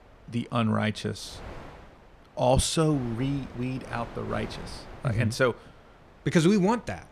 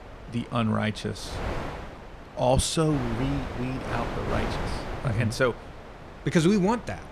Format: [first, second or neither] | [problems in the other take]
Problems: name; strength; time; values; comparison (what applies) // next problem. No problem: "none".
first | wind noise on the microphone; heavy; 8 dB below the speech; occasional gusts in the first